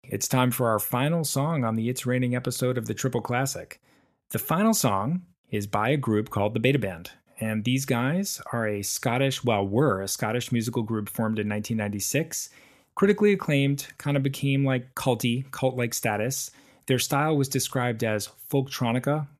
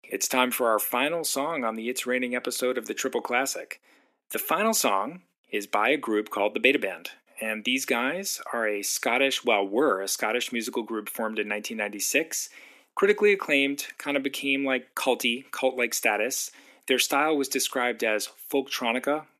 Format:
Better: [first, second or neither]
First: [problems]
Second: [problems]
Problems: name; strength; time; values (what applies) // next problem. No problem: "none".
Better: first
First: none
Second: thin; somewhat; fading below 250 Hz